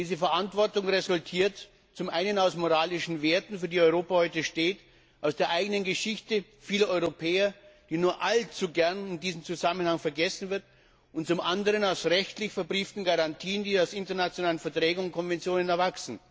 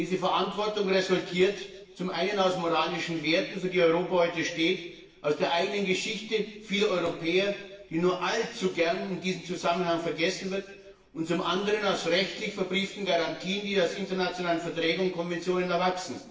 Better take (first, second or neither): first